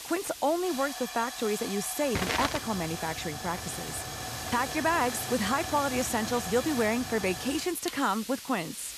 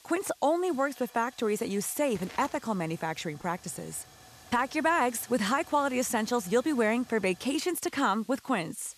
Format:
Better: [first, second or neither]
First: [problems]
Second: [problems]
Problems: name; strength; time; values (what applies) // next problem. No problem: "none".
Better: second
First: hiss; loud; throughout; 5 dB below the speech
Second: hiss; faint; throughout; 20 dB below the speech